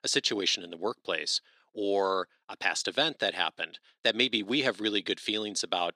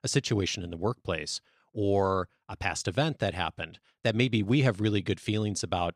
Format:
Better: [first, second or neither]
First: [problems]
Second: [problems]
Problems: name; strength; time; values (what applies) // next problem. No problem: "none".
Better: second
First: thin; somewhat; fading below 300 Hz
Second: none